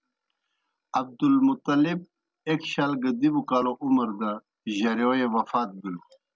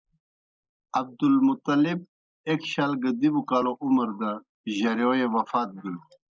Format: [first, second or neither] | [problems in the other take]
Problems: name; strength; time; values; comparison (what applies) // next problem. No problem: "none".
first | noise reduction (neural mask model Resemble Enhance denoiser)